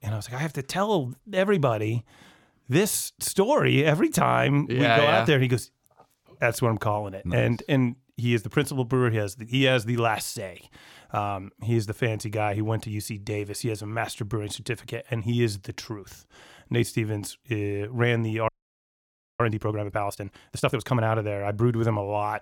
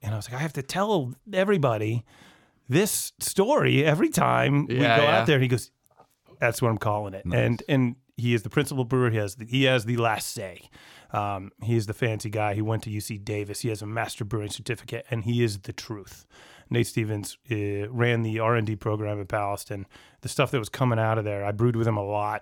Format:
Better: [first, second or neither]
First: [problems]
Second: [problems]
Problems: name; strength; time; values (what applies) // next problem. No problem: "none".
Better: second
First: audio freezing; at 18 s for 1 s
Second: none